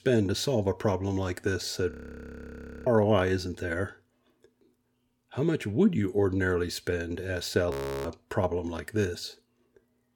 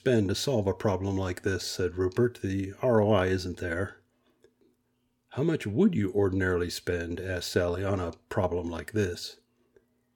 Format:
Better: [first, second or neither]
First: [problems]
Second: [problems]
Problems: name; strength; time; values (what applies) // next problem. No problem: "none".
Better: second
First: audio freezing; at 2 s for 1 s and at 7.5 s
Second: none